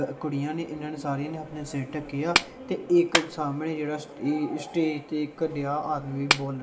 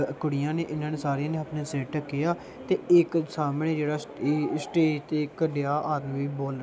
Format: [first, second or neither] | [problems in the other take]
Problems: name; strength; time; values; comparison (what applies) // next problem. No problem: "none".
second | background sound (Clapping); 5 dB below the speech // room echo; dies away in 0.7 s